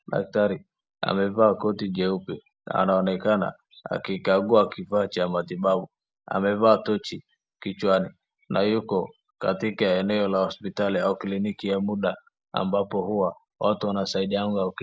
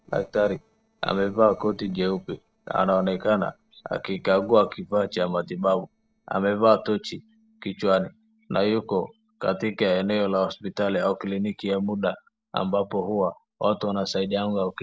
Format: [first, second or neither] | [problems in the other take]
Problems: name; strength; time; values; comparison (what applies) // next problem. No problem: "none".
first | noise reduction (neural separator model SepFormer DNS4)